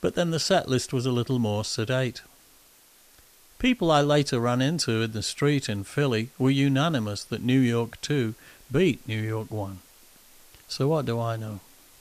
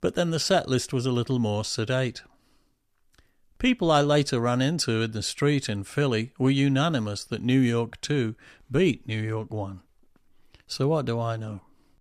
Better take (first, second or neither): second